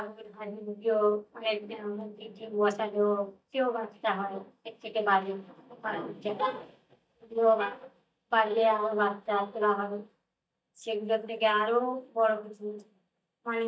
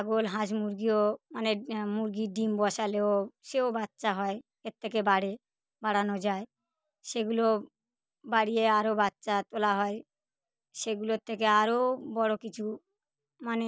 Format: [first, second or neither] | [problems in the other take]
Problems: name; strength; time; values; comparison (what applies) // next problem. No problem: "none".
second | noise reduction (neural mask model DeepFilterNet 3)